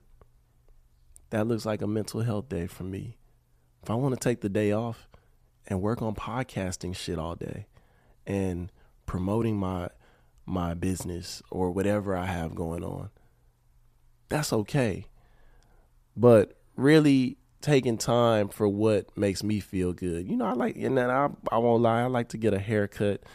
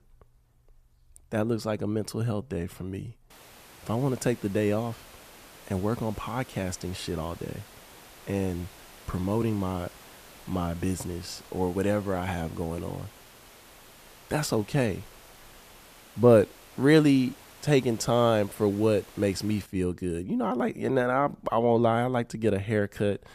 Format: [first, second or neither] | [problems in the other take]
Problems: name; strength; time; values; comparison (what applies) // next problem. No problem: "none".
first | hiss; faint; from 3.5 to 20 s; 20 dB below the speech